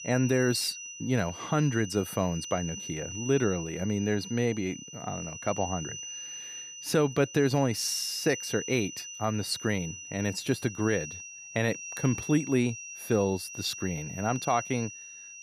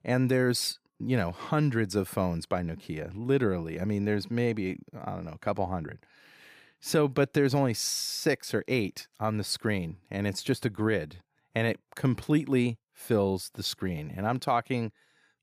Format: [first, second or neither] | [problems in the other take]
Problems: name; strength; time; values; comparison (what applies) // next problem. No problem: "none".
second | high-pitched whine; loud; throughout; 6 kHz, 9 dB below the speech